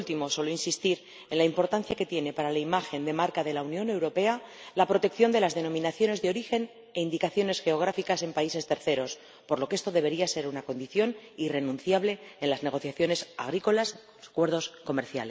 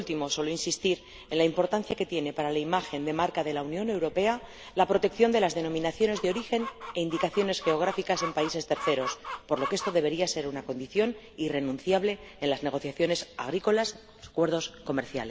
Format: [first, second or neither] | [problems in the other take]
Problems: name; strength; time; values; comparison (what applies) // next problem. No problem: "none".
first | background sound (Chicken, rooster); 15 dB below the speech